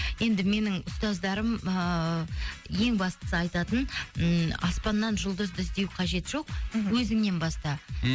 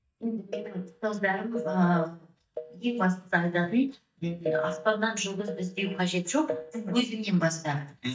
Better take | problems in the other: first | noise reduction (neural mask model DeepFilterNet 3)

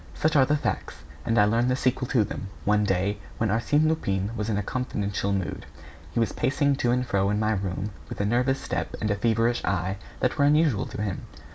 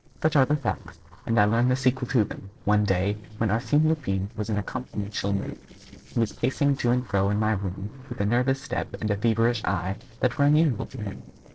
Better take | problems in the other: first | noise reduction (neural separator model SepFormer DNS4)

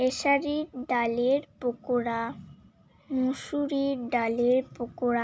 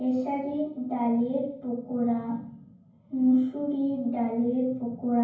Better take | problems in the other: first | room echo; dies away in 0.9 s

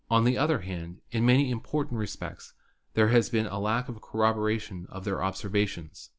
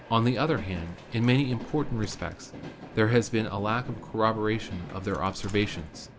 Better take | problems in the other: first | background sound (Train); 15 dB below the speech

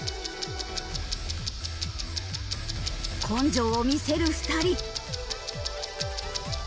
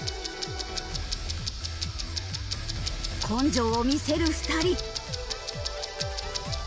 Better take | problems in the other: second | background sound (Rattle); 18 dB below the speech

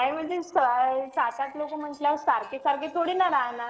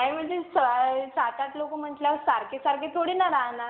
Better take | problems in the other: second | noise reduction (neural separator model SepFormer DNS4)

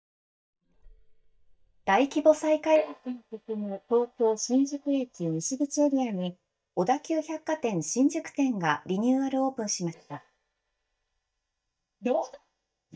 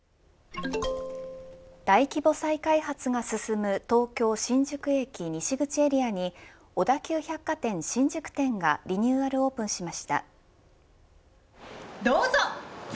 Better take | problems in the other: second | noise reduction (neural mask model DeepFilterNet 3)

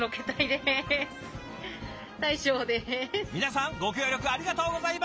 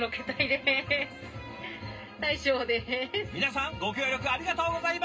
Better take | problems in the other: first | room echo; dies away in 0.2 s

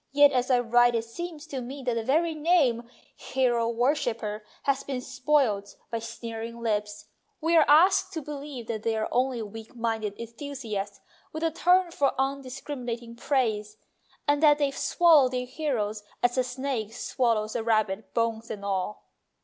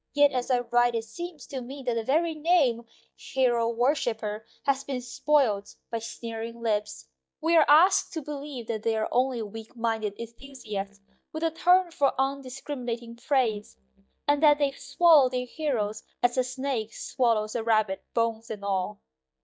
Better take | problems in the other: first | noise reduction (neural mask model DeepFilterNet 3)

